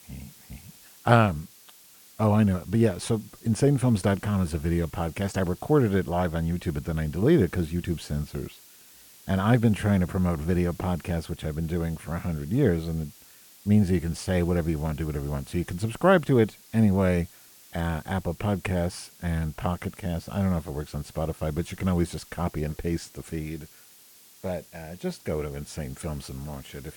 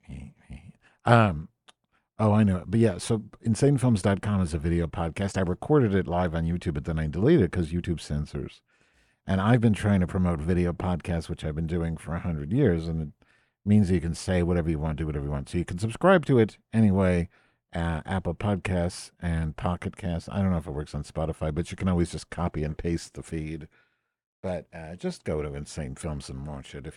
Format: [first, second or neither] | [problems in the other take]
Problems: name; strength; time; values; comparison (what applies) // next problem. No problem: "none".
second | hiss; faint; throughout; 25 dB below the speech